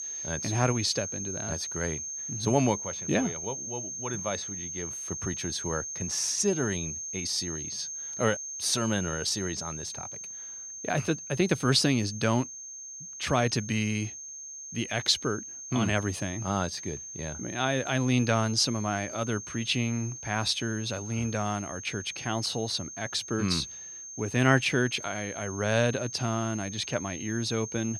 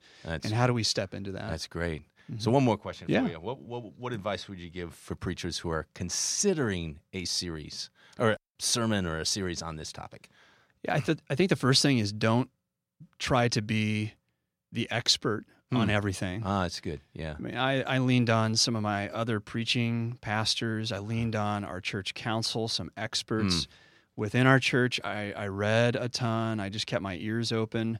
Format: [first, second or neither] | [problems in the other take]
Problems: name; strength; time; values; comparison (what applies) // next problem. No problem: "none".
second | high-pitched whine; loud; throughout; 6.5 kHz, 7 dB below the speech